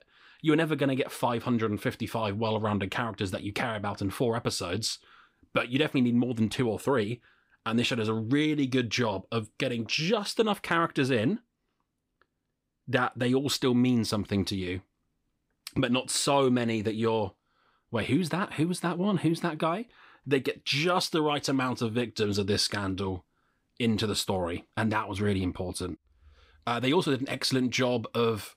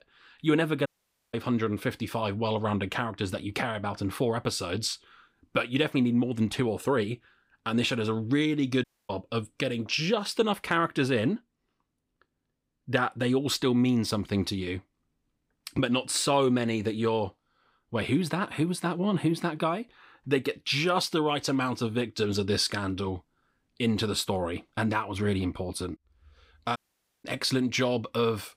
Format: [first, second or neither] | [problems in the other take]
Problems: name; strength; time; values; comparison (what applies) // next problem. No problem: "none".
first | audio cutting out; at 1 s, at 9 s and at 27 s